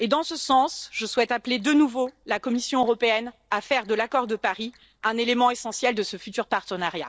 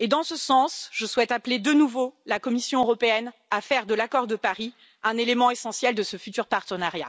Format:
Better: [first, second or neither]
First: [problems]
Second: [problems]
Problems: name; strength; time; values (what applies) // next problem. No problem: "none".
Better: second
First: noise reduction (neural separator model SepFormer DNS4)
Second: none